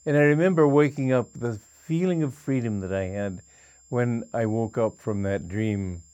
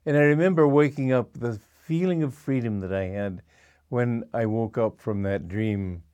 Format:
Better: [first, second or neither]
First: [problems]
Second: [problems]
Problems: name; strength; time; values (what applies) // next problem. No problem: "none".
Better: second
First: high-pitched whine; faint; throughout; 7.5 kHz, 30 dB below the speech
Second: none